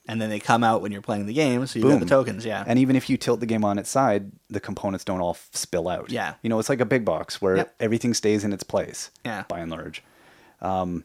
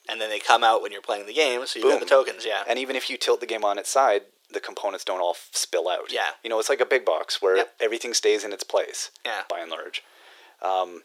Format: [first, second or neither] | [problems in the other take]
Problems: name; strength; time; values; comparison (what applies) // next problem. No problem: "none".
first | thin; very; fading below 400 Hz